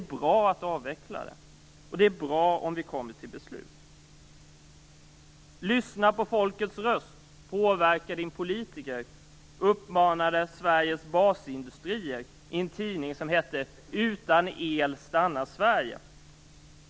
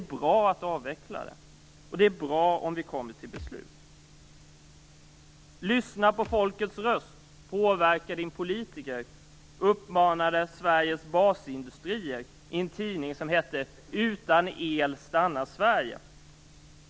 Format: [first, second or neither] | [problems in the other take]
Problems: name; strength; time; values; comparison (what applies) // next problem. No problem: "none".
first | background sound (Thump, thud); 20 dB below the speech